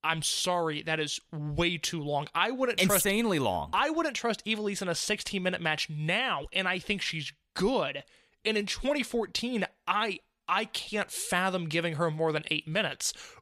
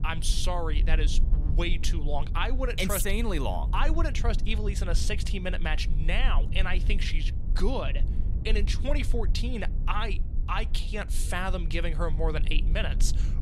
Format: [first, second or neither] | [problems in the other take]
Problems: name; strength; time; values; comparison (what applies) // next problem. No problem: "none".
first | low rumble; noticeable; throughout; 15 dB below the speech